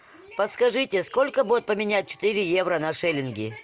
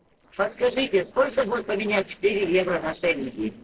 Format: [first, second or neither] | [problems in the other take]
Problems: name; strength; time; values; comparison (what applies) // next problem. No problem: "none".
first | noise reduction (neural separator model SepFormer DNS4)